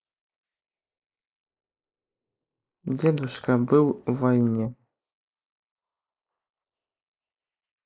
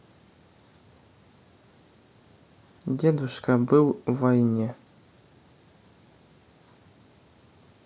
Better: second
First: noise reduction (neural mask model Resemble Enhance denoiser)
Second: none

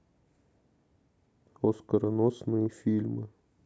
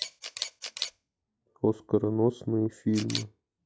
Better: first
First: none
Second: noise reduction (classical method log-MMSE)

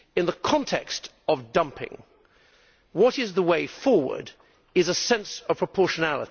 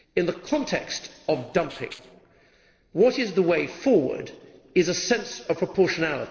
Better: first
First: none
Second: noise reduction (neural separator model SepFormer DNS4)

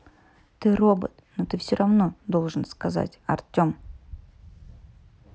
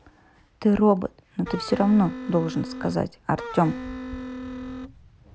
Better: first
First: none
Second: background sound (Wind instrument, woodwind instrument); 10 dB below the speech

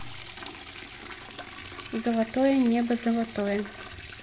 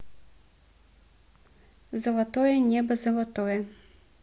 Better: second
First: background sound (Liquid); 14 dB below the speech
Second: none

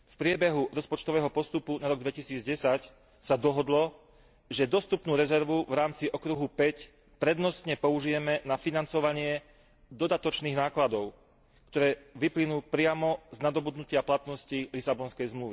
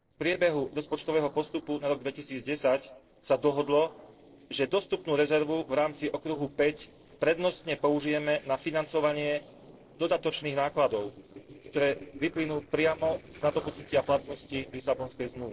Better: first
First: none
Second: noise reduction (neural separator model SepFormer DNS4)

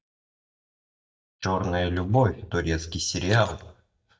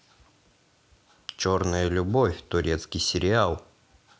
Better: second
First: noise reduction (neural mask model DeepFilterNet 3)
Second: none

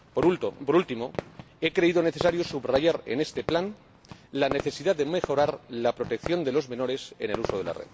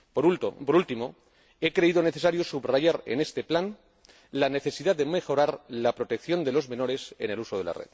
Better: second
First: background sound (Fireworks); 12 dB below the speech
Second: none

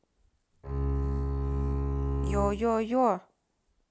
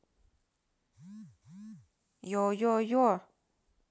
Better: second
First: background sound (Bowed string instrument); 2 dB above the speech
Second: none

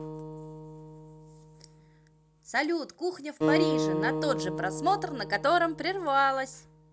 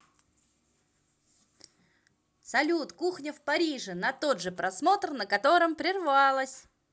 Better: second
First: background sound (Acoustic guitar); 3 dB below the speech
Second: none

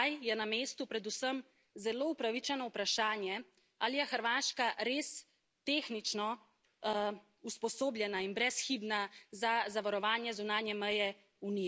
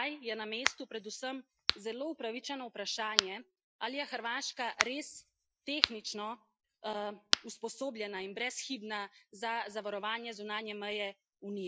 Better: first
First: none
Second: noise reduction (classical method Wiener filter)

